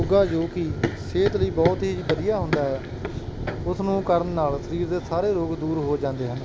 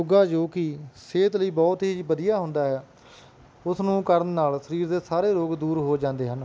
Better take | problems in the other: second | background sound (Run); 5 dB below the speech

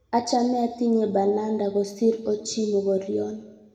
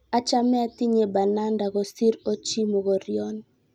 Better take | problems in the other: second | room echo; dies away in 0.9 s

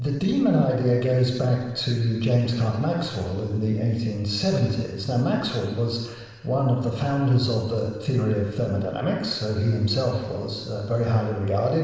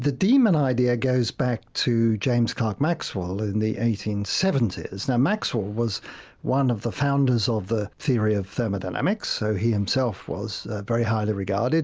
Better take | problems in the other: second | room echo; dies away in 1.3 s

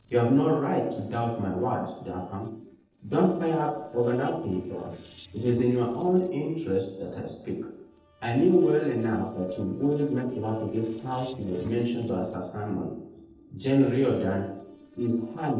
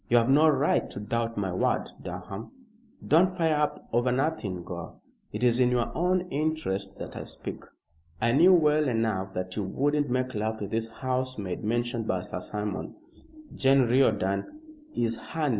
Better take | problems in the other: second | noise reduction (neural separator model SepFormer DNS4)

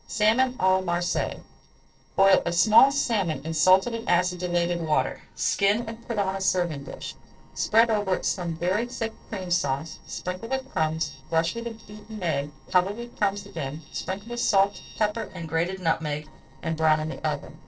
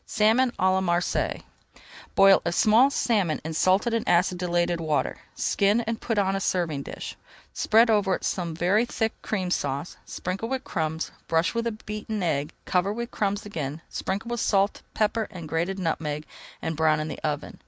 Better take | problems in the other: second | noise reduction (neural separator model SepFormer DNS4)

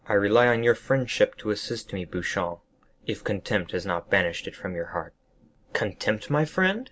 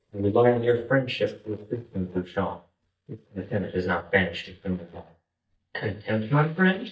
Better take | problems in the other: first | noise reduction (neural mask model DeepFilterNet 3)

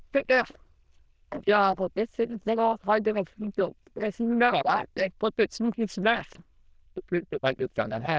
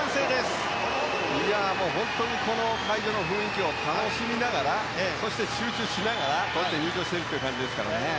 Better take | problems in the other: second | noise reduction (neural diffusion model UNIVERSE++)

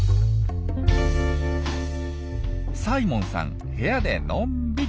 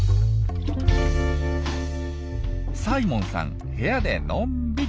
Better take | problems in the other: first | background sound (Splash, splatter); 20 dB below the speech

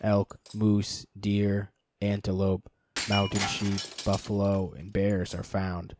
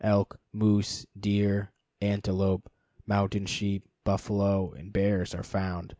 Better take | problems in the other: second | background sound (Shatter); 13 dB below the speech

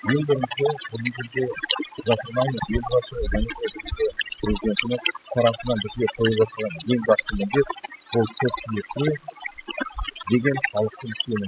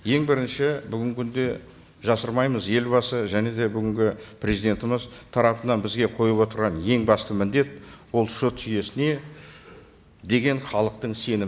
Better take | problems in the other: second | noise reduction (classical method spectral subtraction)

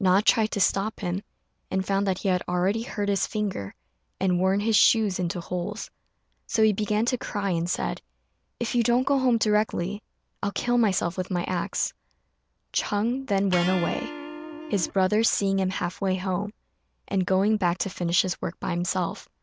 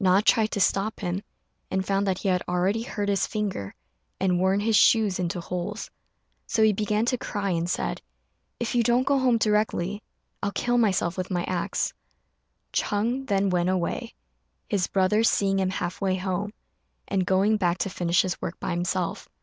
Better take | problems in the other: second | background sound (Electric guitar); 10 dB below the speech

